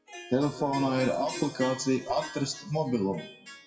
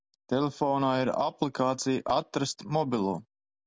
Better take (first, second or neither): second